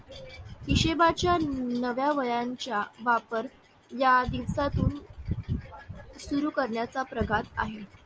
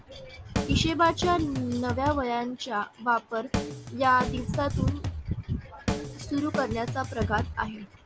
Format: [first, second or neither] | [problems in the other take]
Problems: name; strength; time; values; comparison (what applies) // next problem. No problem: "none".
first | background sound (Drum kit); 5 dB below the speech